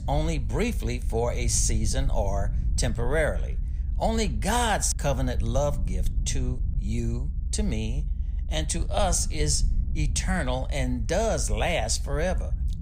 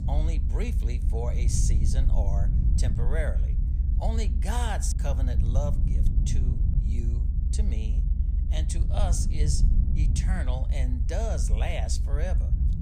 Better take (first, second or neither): first